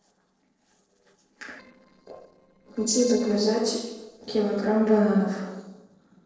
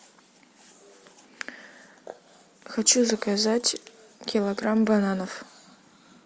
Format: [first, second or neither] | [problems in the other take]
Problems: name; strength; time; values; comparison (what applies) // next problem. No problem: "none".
second | noise reduction (neural separator model SepFormer DNS4)